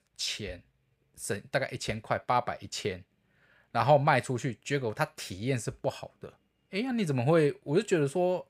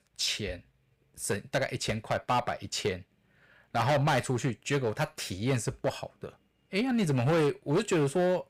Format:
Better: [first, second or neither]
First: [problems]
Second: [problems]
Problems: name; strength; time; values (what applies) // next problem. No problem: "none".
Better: first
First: none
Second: distortion; heavy; 8% of the sound clipped